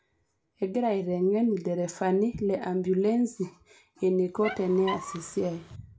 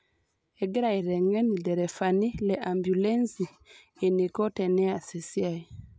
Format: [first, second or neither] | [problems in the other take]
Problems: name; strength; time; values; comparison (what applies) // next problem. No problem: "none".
second | background sound (Squeak); 11 dB below the speech // room echo; dies away in 0.2 s